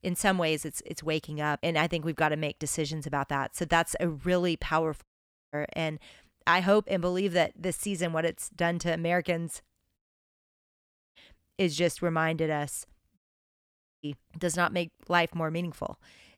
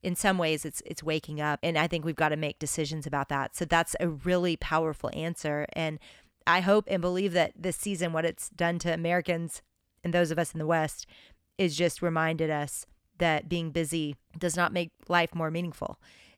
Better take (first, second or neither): second